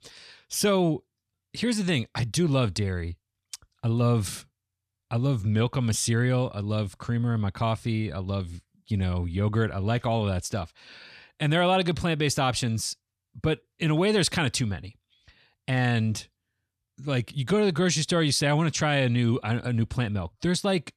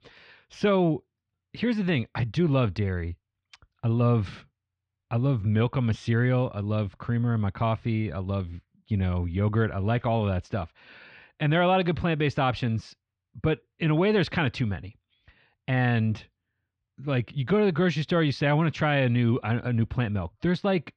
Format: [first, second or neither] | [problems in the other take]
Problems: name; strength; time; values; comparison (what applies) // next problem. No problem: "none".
first | muffled; very; fading above 3 kHz